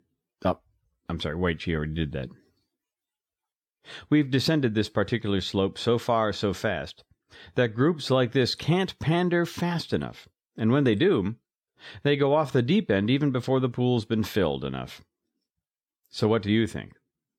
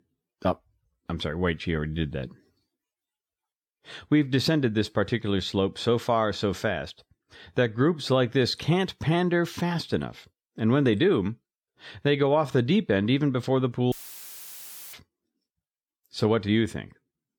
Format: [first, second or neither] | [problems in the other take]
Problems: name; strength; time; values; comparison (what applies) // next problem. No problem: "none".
first | audio cutting out; filled with static; at 14 s for 1 s